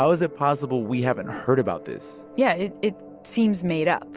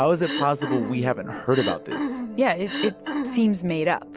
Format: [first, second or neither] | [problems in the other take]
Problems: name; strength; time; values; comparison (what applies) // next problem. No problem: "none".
first | background sound (Cough); 6 dB below the speech